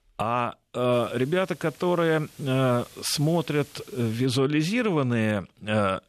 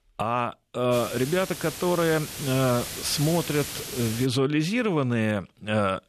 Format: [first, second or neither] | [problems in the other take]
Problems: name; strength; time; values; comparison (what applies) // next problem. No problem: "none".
first | hiss; loud; from 1 to 4.5 s; 8 dB below the speech; faint in the first